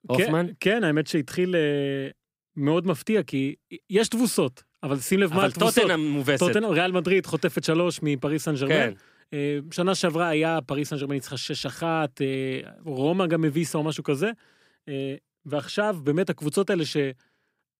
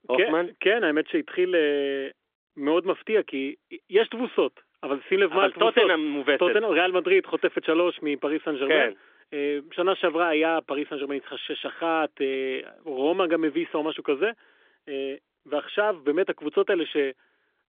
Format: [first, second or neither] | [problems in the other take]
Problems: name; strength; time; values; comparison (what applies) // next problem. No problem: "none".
first | phone-call audio; nothing above 3.5 kHz